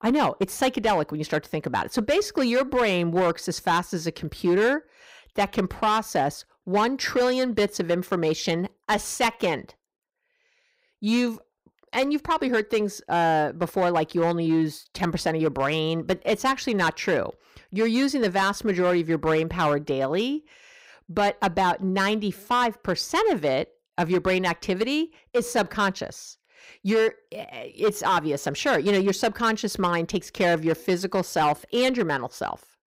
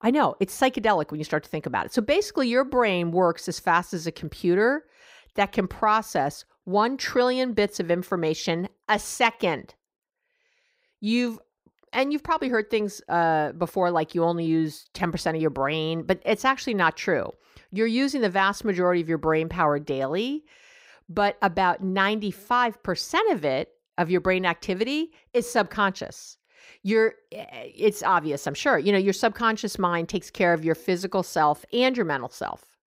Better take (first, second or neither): second